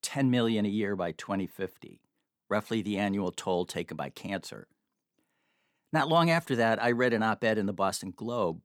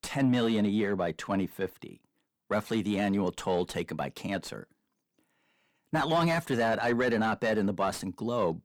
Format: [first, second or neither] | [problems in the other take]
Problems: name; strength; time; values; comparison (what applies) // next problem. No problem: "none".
first | distortion; slight; 10 dB below the speech